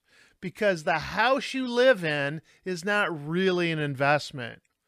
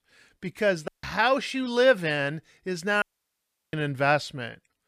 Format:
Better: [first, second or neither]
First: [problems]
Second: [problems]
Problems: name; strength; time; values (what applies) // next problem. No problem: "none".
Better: first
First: none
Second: audio cutting out; at 1 s and at 3 s for 0.5 s